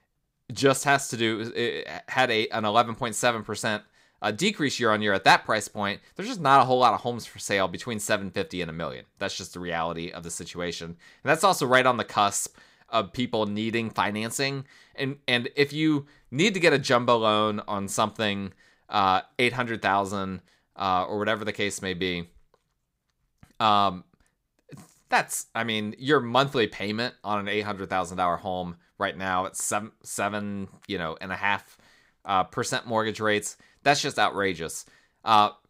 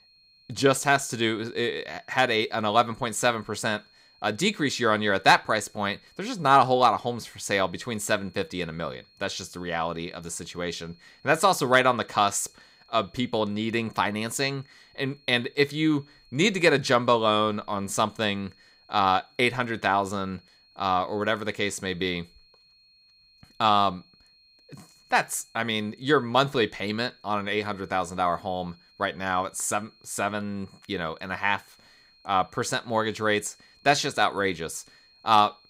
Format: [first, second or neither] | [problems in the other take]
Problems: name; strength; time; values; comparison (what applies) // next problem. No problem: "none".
first | high-pitched whine; faint; throughout; 4.5 kHz, 30 dB below the speech